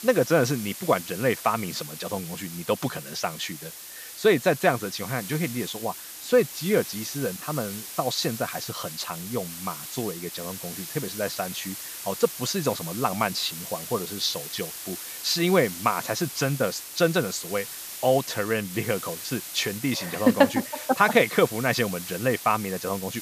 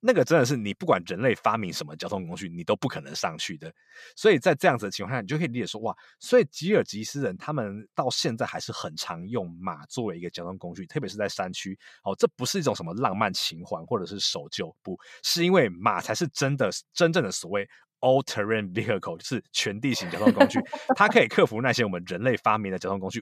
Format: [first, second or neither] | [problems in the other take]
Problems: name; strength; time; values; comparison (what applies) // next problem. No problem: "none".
second | hiss; loud; throughout; 9 dB below the speech